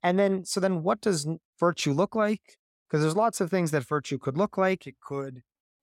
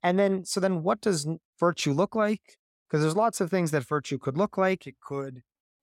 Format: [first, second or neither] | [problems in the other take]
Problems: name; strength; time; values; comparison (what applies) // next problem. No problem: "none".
neither | none